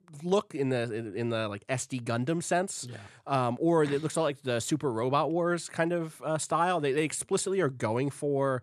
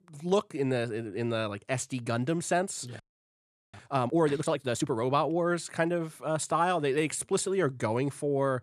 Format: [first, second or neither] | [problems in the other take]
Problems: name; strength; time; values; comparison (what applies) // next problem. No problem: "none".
first | audio freezing; at 3 s for 0.5 s